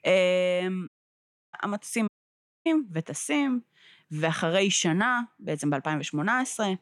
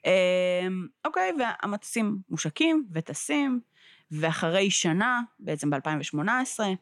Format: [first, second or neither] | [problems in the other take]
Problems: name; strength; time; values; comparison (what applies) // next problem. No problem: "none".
second | audio cutting out; at 1 s for 0.5 s and at 2 s for 0.5 s